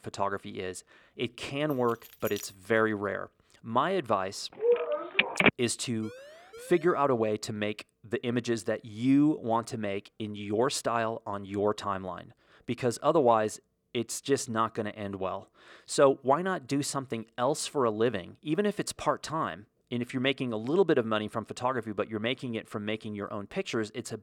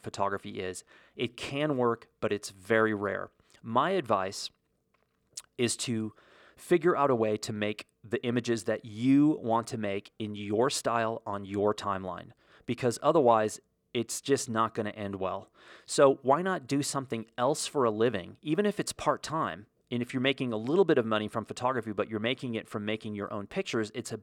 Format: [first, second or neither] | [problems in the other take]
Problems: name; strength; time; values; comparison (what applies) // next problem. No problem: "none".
second | jangling keys; faint; at 1.5 s; peak 10 dB below the speech // phone ringing; loud; at 4.5 s; peak 7 dB above the speech // siren; faint; from 6 to 7 s; peak 20 dB below the speech